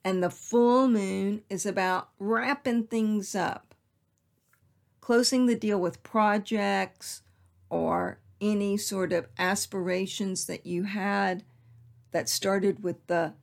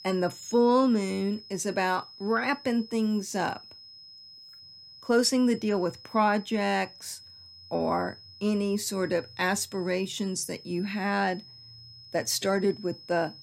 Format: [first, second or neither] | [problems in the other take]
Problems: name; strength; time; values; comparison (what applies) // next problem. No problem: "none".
first | high-pitched whine; noticeable; throughout; 5 kHz, 20 dB below the speech